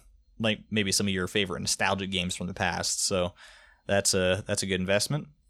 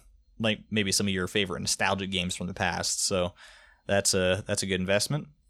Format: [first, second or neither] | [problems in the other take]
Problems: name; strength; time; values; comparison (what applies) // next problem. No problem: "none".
neither | none